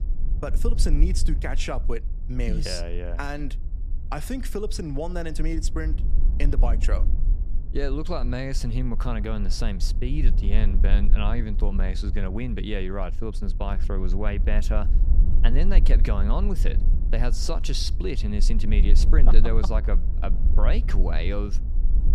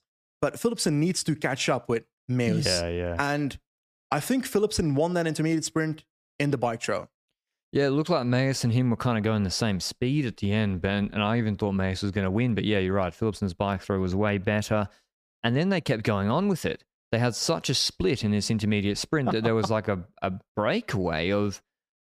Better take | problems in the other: second | low rumble; noticeable; throughout; 15 dB below the speech

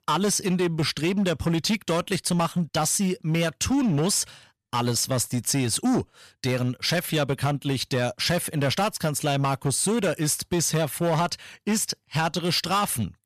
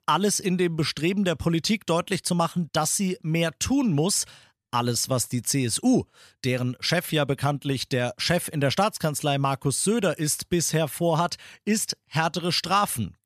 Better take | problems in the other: second | distortion; slight; 12% of the sound clipped

